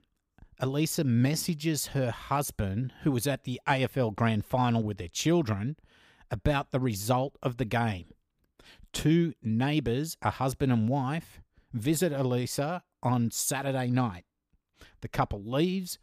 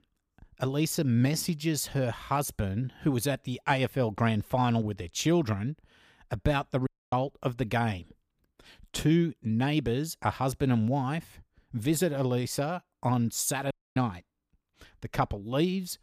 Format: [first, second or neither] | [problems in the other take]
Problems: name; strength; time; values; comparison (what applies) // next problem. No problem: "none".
first | audio cutting out; at 7 s and at 14 s